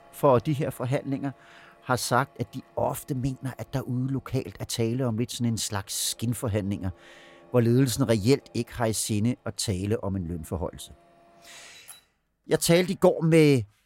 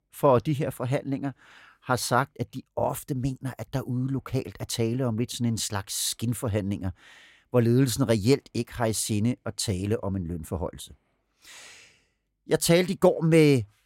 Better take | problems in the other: second | household noises; faint; throughout; 30 dB below the speech

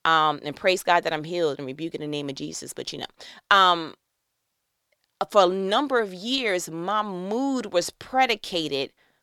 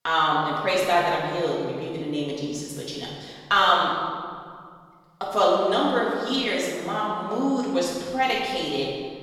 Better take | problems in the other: first | room echo; strong; dies away in 2 s // off-mic speech; far

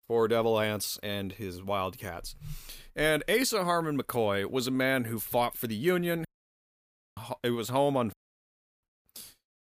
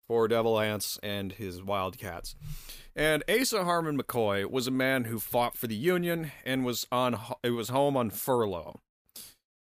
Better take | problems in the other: second | audio cutting out; at 6.5 s for 1 s and at 8 s for 0.5 s

